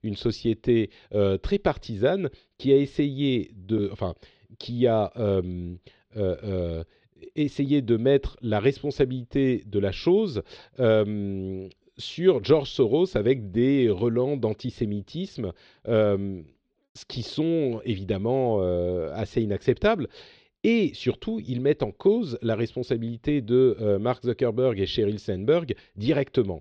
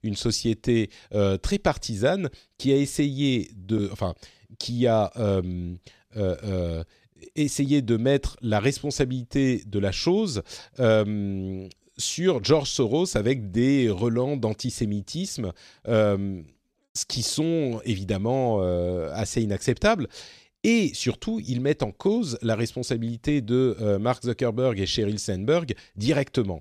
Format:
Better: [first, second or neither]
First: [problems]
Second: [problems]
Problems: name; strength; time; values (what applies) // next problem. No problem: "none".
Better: second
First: muffled; slightly; fading above 4 kHz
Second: none